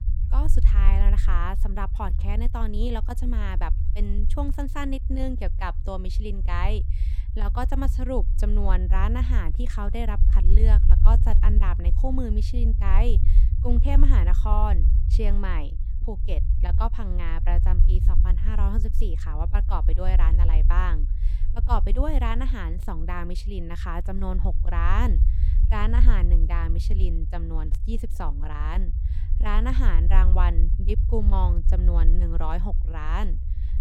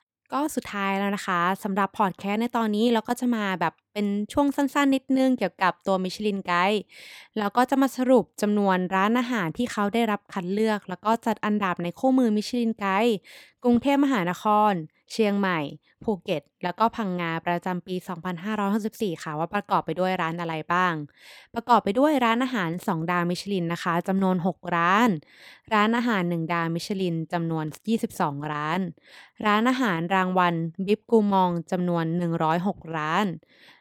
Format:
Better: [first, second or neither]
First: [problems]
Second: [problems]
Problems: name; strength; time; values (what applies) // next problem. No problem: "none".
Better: second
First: low rumble; noticeable; throughout; 10 dB below the speech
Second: none